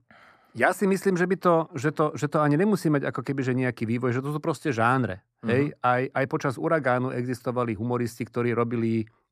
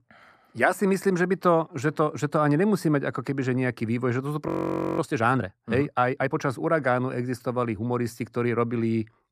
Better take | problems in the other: first | audio freezing; at 4.5 s for 0.5 s

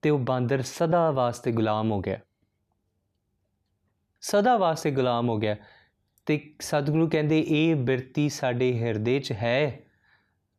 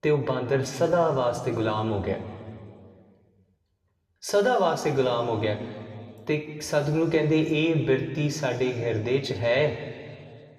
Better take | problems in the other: first | room echo; slight; dies away in 2.1 s

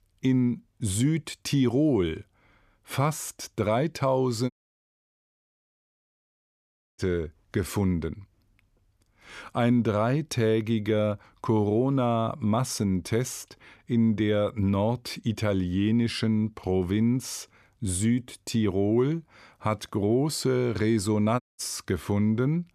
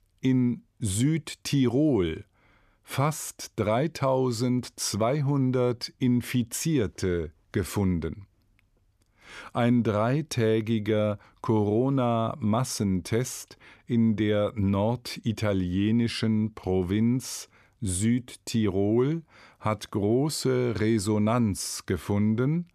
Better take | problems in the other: second | audio cutting out; at 4.5 s for 2.5 s and at 21 s

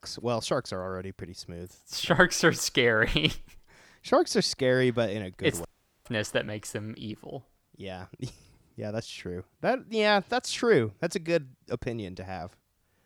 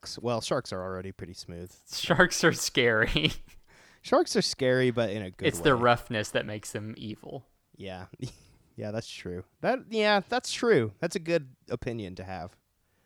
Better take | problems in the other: second | audio cutting out; at 5.5 s

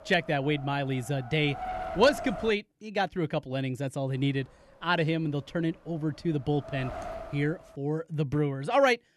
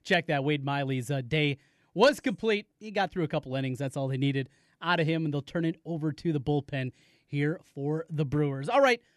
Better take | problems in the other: second | wind noise on the microphone; heavy; until 2.5 s and from 4 to 8 s; 9 dB below the speech

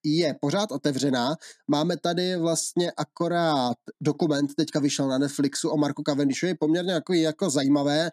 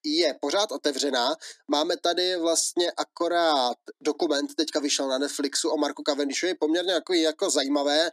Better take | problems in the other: first | thin; somewhat; fading below 350 Hz

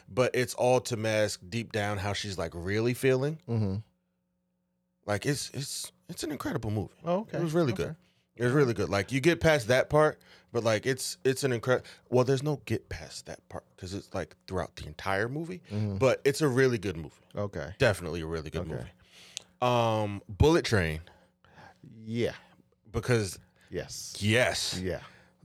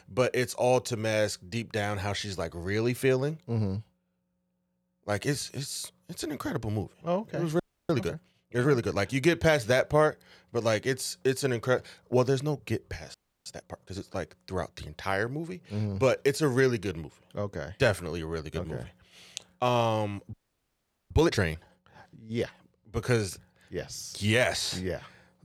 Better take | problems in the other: first | audio freezing; at 7.5 s, at 13 s and at 20 s for 1 s

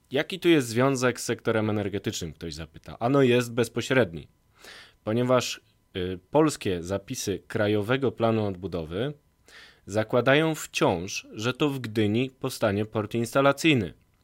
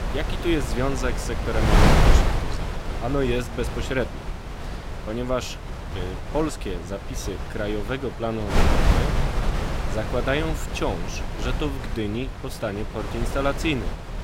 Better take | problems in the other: first | wind noise on the microphone; heavy; 1 dB below the speech

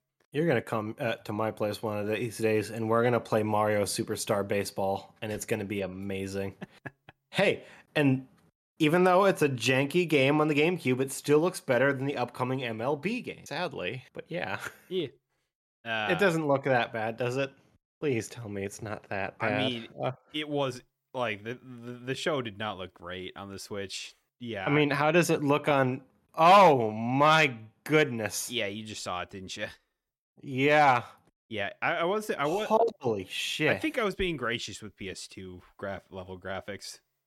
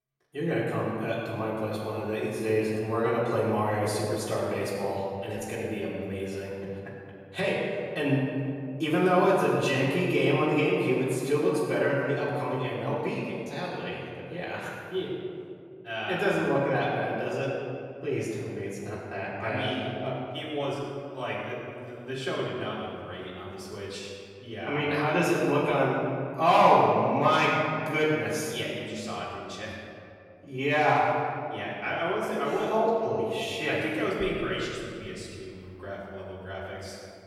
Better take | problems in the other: first | off-mic speech; far // room echo; noticeable; dies away in 2.1 s

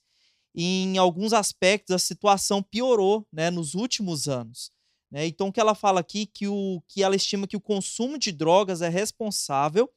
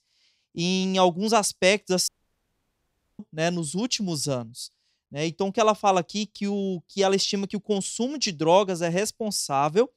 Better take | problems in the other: first | audio cutting out; at 2 s for 1 s

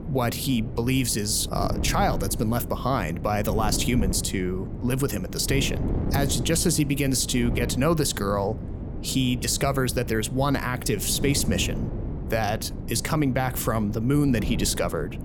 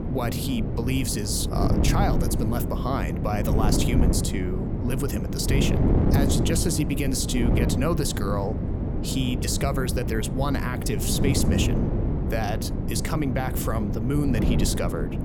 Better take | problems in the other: first | wind noise on the microphone; heavy; 3 dB below the speech; occasional gusts in the first

